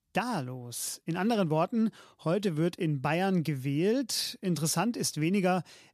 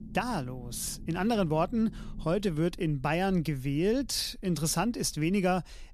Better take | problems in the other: first | low rumble; faint; throughout; 25 dB below the speech

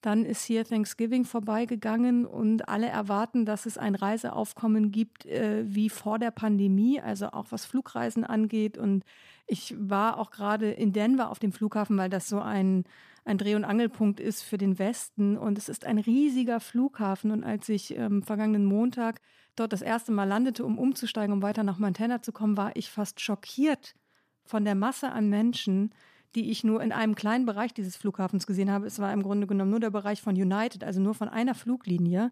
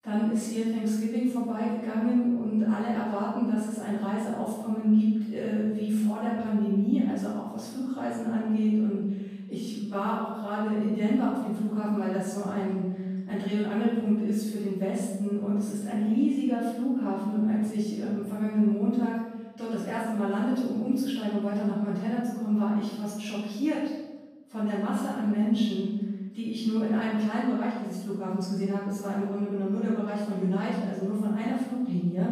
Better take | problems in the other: first | room echo; strong; dies away in 1 s // off-mic speech; far

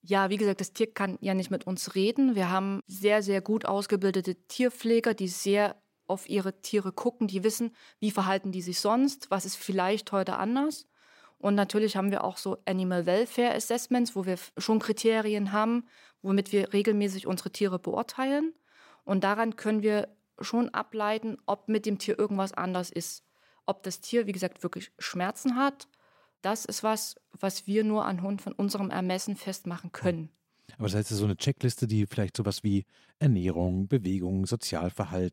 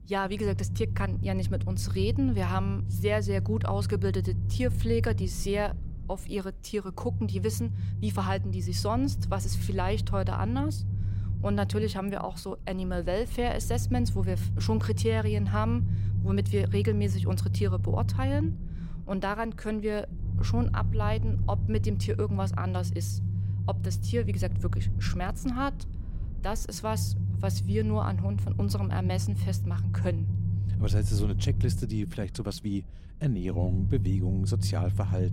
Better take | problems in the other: first | low rumble; loud; throughout; 10 dB below the speech

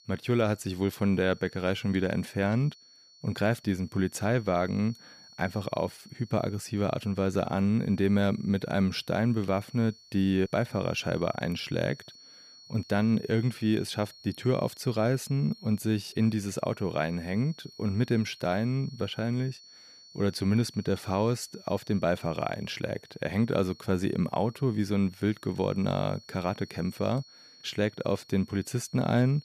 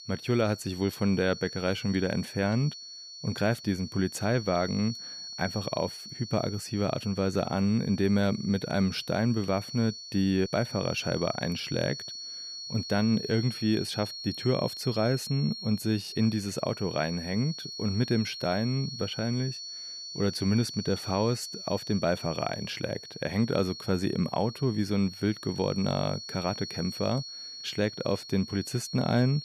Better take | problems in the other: first | high-pitched whine; loud; throughout; 4.5 kHz, 10 dB below the speech; faint in the first

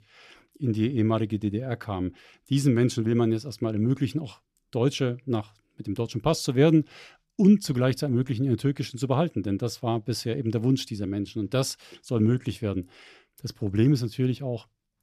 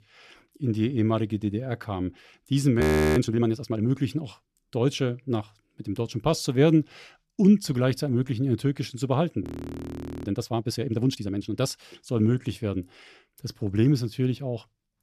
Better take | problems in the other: first | audio freezing; at 3 s and at 9.5 s for 1 s

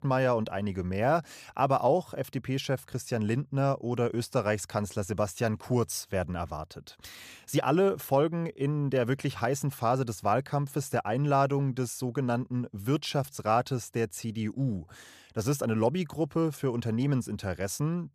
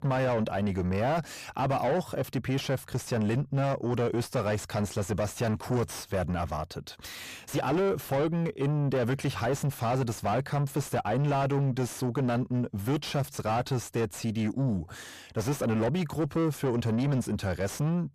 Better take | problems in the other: first | distortion; heavy; 7 dB below the speech

